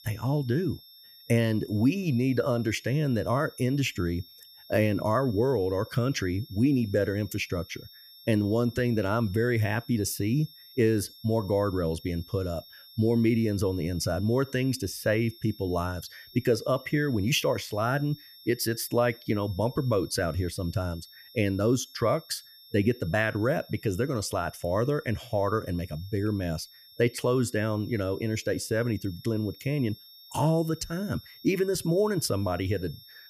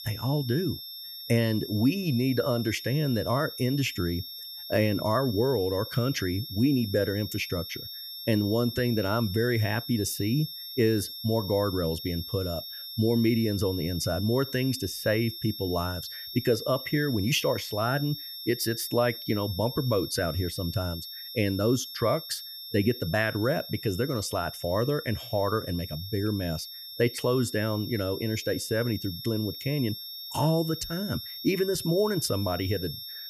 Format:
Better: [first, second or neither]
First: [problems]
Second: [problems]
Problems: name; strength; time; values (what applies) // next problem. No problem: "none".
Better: first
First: high-pitched whine; faint; throughout; 5.5 kHz, 20 dB below the speech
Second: high-pitched whine; loud; throughout; 5.5 kHz, 9 dB below the speech